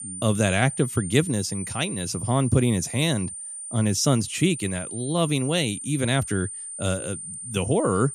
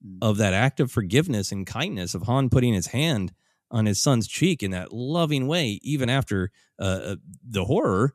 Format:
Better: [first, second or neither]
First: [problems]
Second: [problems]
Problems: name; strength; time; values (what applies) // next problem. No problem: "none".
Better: second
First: high-pitched whine; loud; throughout; 9 kHz, 8 dB below the speech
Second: none